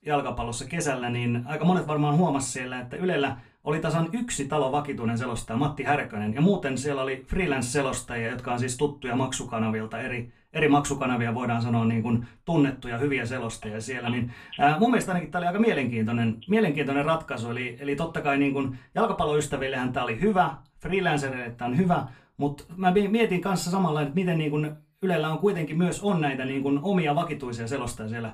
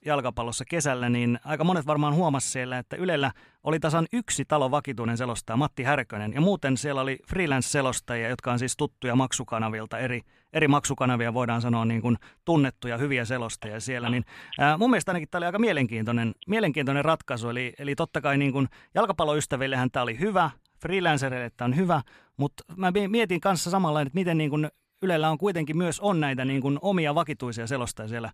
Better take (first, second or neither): second